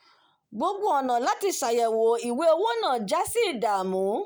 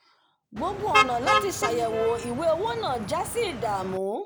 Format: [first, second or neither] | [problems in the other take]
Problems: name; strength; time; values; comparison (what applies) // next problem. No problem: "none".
first | background sound (Motor vehicle (road)); 1 dB below the speech